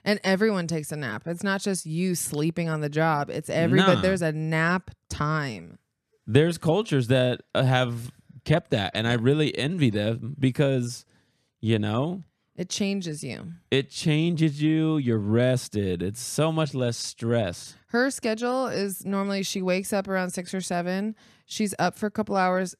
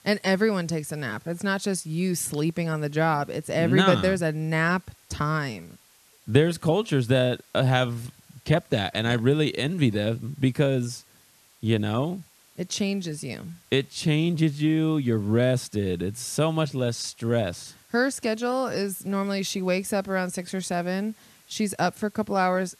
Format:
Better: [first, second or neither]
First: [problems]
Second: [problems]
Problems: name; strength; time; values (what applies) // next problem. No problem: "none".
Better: first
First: none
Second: hiss; faint; throughout; 30 dB below the speech